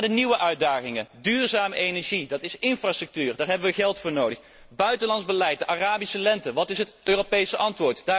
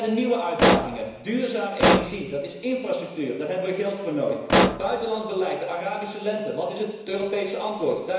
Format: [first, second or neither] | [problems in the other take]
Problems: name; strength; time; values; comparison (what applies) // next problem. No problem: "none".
first | background sound (Explosion); 3 dB above the speech // room echo; dies away in 1 s